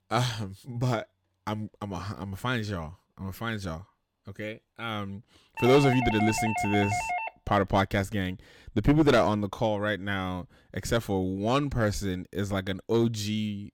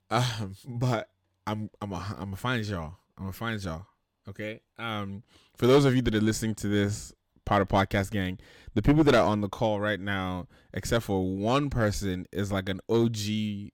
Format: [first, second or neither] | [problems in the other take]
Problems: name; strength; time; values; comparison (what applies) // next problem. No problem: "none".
second | doorbell; noticeable; from 5.5 to 7.5 s; peak 1 dB below the speech